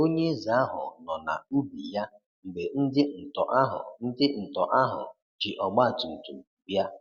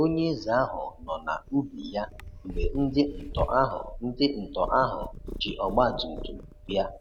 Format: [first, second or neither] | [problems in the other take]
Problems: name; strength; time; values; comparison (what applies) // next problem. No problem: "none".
first | background sound (Purr); 9 dB below the speech